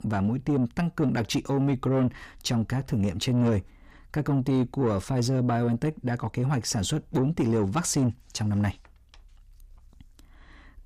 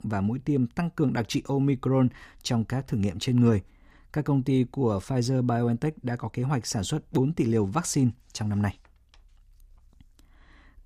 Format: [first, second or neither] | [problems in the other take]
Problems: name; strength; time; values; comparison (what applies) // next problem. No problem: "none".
second | distortion; slight; 10 dB below the speech